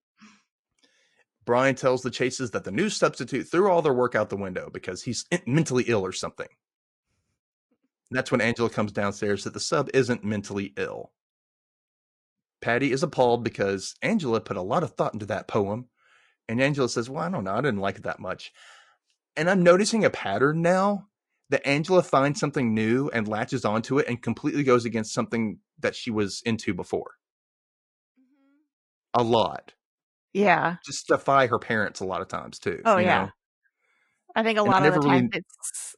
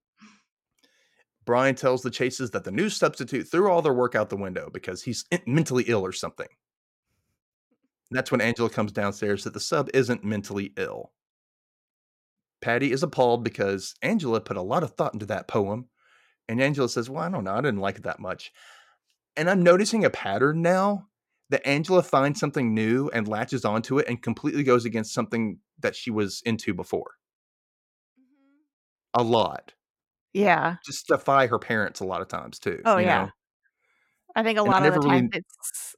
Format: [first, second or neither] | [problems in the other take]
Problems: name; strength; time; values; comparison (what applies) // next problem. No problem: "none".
second | garbled, watery; slightly; nothing above 10.5 kHz